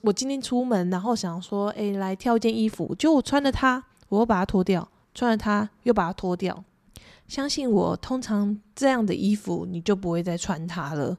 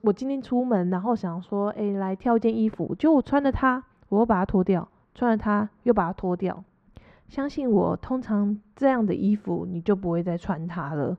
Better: first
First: none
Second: muffled; very; fading above 4 kHz

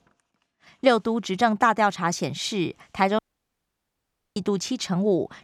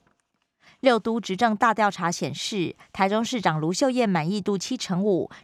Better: second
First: audio cutting out; at 3 s for 1 s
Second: none

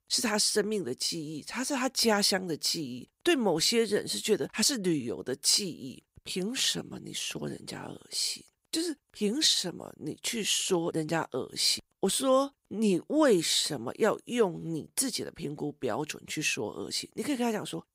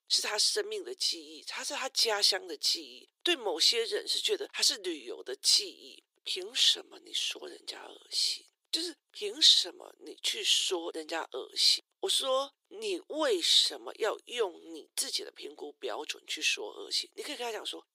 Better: first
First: none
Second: thin; very; fading below 350 Hz

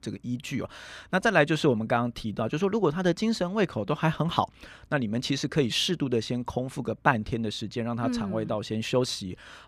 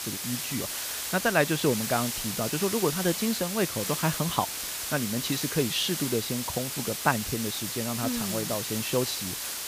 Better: first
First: none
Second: hiss; loud; throughout; 2 dB below the speech

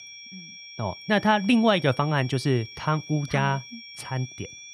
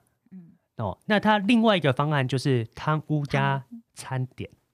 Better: second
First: high-pitched whine; noticeable; throughout; 2.5 kHz, 15 dB below the speech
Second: none

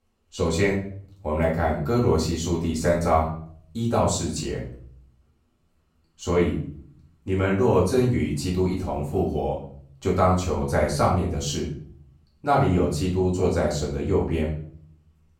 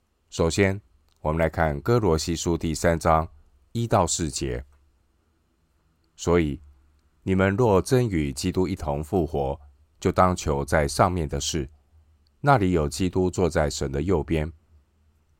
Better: second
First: off-mic speech; far // room echo; slight; dies away in 0.5 s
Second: none

